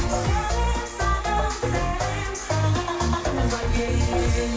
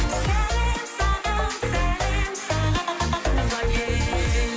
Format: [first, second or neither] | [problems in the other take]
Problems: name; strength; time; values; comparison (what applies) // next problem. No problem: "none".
second | room echo; dies away in 0.6 s